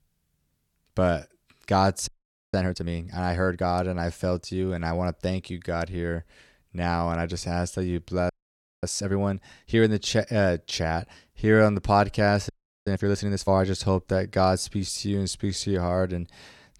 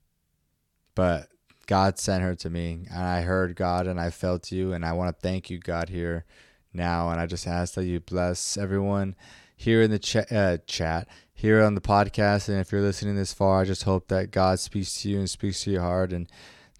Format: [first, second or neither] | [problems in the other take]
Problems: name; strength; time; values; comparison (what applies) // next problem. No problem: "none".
second | audio freezing; at 2 s, at 8.5 s for 0.5 s and at 12 s